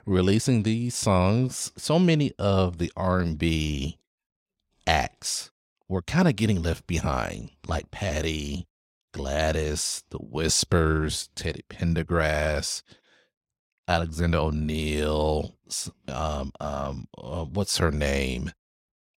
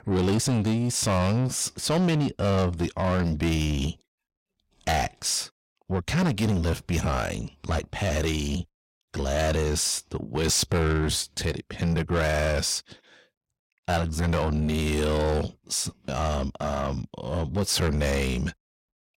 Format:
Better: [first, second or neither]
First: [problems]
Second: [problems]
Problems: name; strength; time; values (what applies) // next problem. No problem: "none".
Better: first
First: none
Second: distortion; heavy; 8 dB below the speech